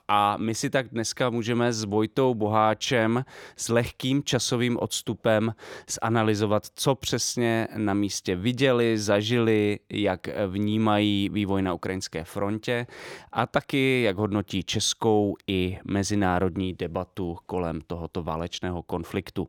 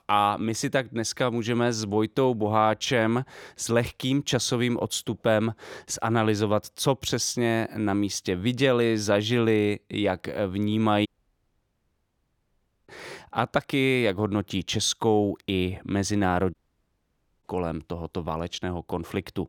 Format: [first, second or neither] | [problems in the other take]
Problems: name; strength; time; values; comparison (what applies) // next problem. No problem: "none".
first | audio cutting out; at 11 s for 2 s and at 17 s for 1 s